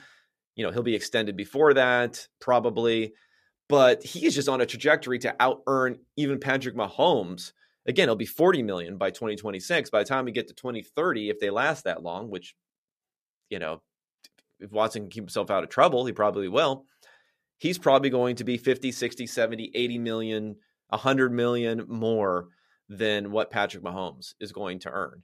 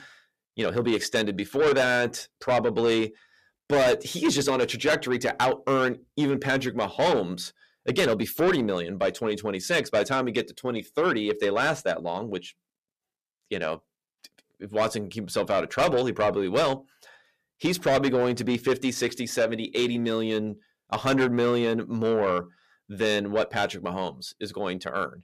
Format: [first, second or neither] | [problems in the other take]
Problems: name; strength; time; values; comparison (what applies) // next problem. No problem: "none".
first | distortion; heavy; 8 dB below the speech